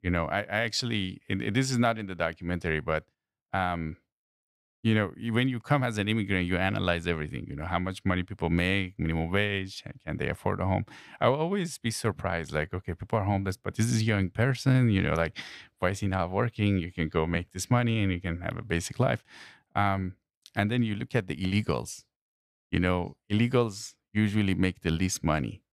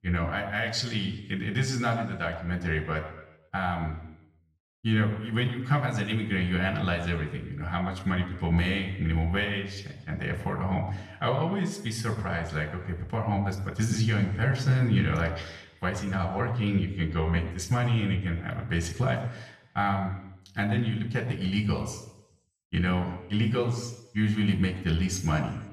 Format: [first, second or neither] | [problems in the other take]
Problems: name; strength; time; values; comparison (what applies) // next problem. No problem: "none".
first | room echo; slight; dies away in 0.8 s // off-mic speech; somewhat distant